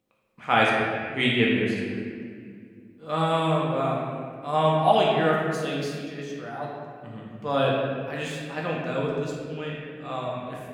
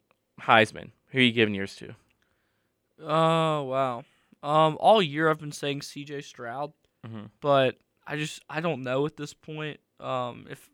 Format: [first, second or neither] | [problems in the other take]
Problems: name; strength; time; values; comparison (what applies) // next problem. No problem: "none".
second | room echo; noticeable; dies away in 1.9 s // off-mic speech; far